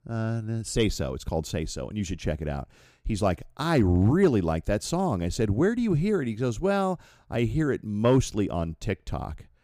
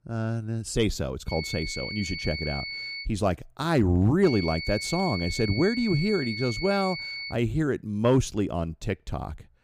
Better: first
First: none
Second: high-pitched whine; loud; from 1.5 to 3 s and from 4.5 to 7.5 s; 2 kHz, 6 dB below the speech

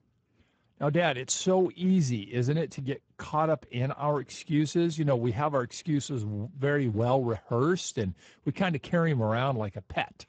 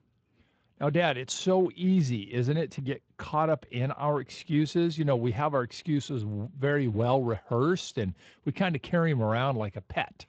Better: second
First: garbled, watery; badly; nothing above 7.5 kHz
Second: garbled, watery; slightly; nothing above 7.5 kHz

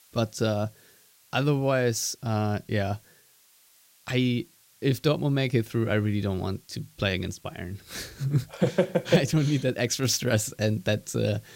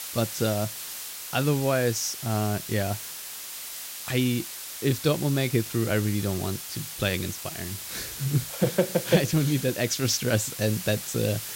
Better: first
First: hiss; faint; throughout; 30 dB below the speech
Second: hiss; loud; throughout; 8 dB below the speech

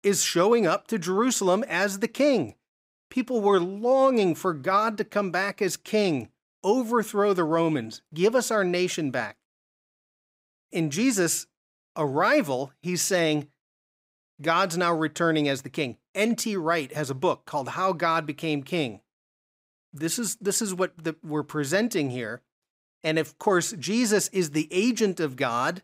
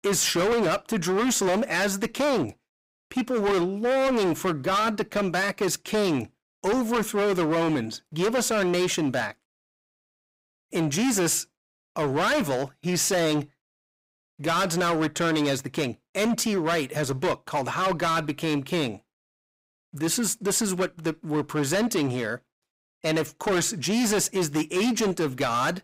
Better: first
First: none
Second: distortion; heavy; 19% of the sound clipped

